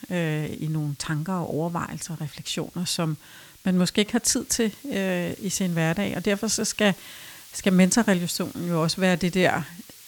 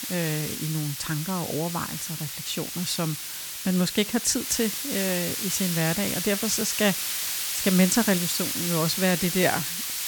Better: first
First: hiss; faint; throughout; 20 dB below the speech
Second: hiss; loud; throughout; 2 dB below the speech

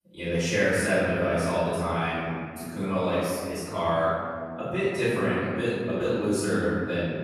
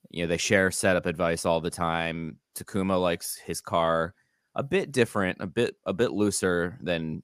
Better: second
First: off-mic speech; far // room echo; strong; dies away in 2 s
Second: none

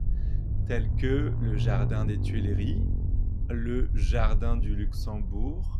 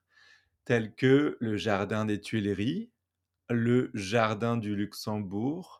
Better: second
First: low rumble; loud; throughout; 7 dB below the speech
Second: none

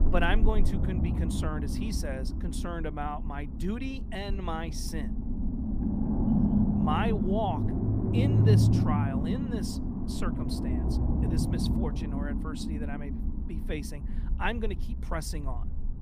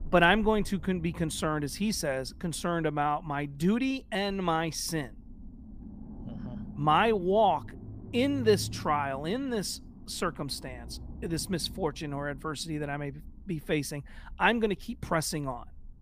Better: second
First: low rumble; loud; throughout; 2 dB below the speech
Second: low rumble; faint; throughout; 25 dB below the speech

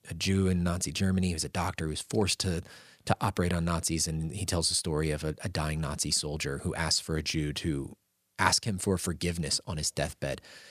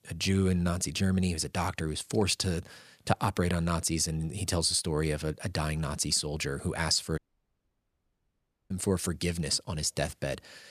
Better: first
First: none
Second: audio cutting out; at 7 s for 1.5 s

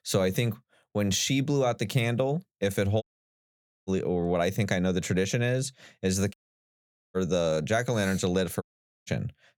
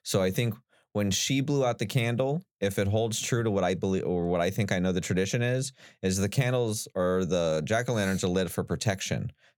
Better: second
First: audio cutting out; at 3 s for 1 s, at 6.5 s for 1 s and at 8.5 s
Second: none

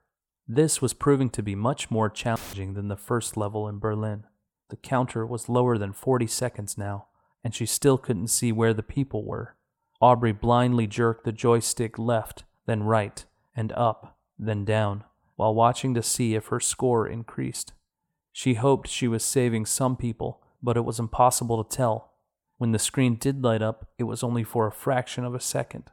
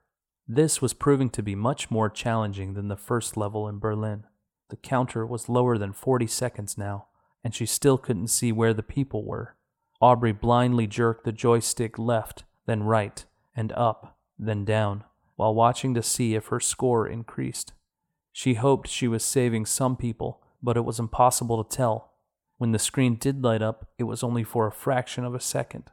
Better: second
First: audio cutting out; filled with static; at 2.5 s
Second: none

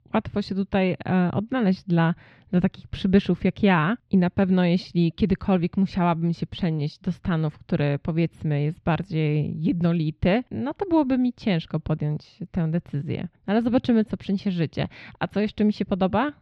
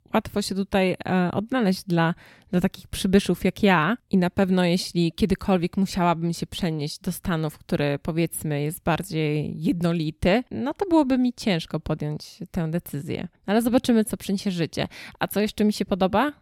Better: second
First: muffled; very slightly; fading above 3.5 kHz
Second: none

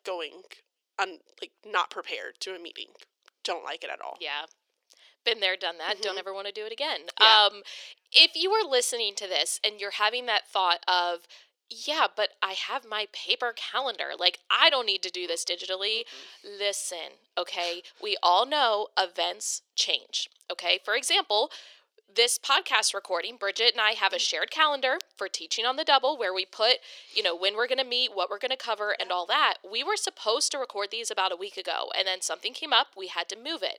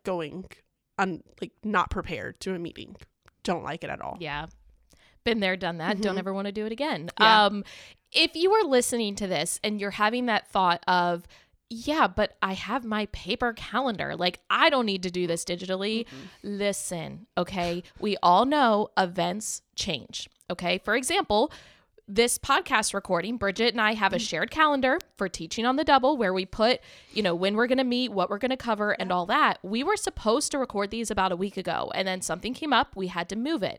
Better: second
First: thin; very; fading below 400 Hz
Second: none

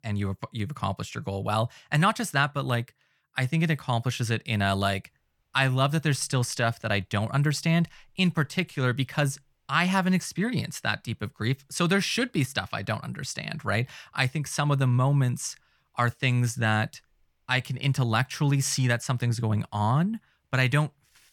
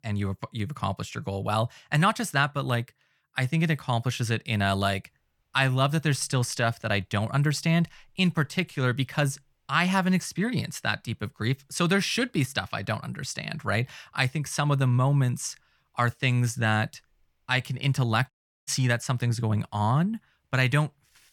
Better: first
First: none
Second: audio cutting out; at 18 s

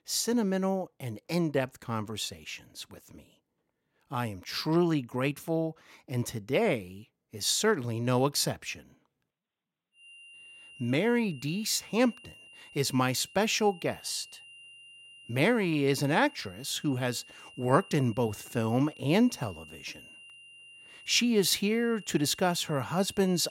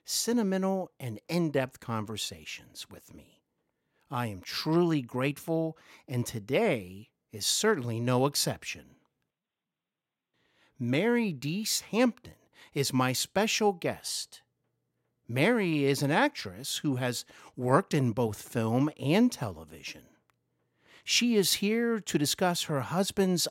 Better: second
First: high-pitched whine; faint; from 10 s on; 3 kHz, 20 dB below the speech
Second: none

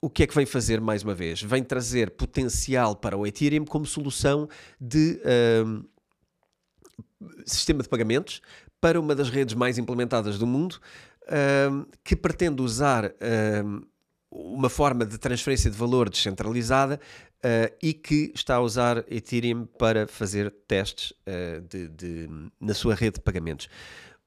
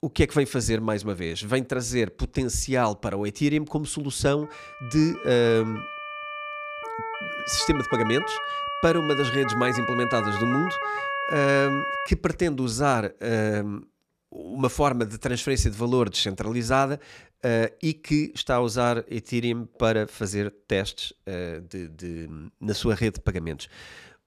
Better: first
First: none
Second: siren; noticeable; from 4.5 to 12 s; peak 1 dB below the speech

